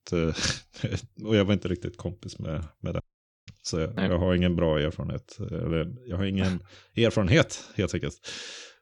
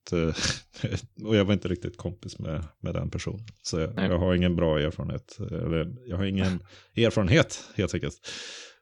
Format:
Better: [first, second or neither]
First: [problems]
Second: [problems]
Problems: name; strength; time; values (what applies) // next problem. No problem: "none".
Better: second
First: audio cutting out; at 3 s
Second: none